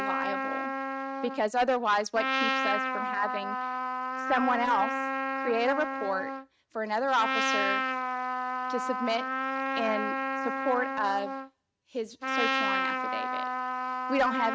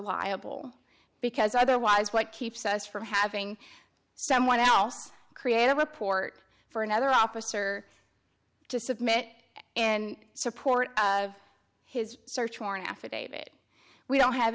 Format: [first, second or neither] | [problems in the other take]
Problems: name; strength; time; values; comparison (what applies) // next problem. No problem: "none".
second | noise reduction (neural mask model RNNoise)